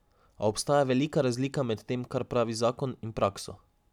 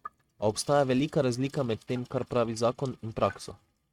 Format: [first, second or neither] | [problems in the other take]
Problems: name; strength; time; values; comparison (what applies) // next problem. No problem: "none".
first | noise reduction (neural mask model RNNoise)